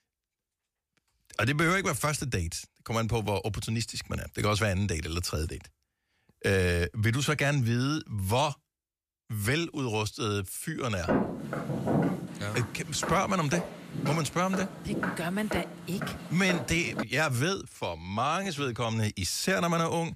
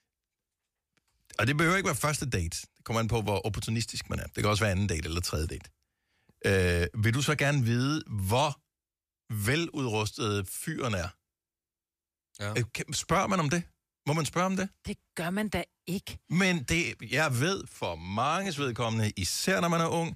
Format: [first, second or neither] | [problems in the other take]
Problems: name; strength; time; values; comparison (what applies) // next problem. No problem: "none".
second | footsteps; loud; from 11 to 17 s; peak 2 dB above the speech